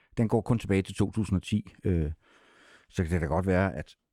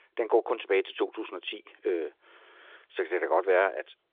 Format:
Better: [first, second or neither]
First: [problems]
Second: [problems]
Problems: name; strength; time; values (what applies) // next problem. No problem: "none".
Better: first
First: none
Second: phone-call audio; nothing above 3.5 kHz